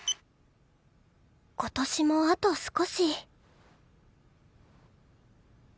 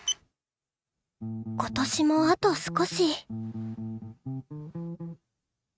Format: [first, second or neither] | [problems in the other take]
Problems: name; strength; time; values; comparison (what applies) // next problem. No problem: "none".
first | noise reduction (neural mask model RNNoise)